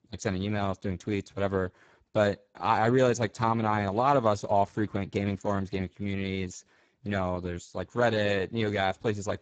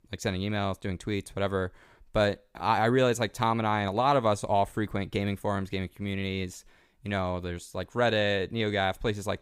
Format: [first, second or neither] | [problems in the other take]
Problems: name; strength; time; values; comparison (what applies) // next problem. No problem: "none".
second | garbled, watery; badly; nothing above 7.5 kHz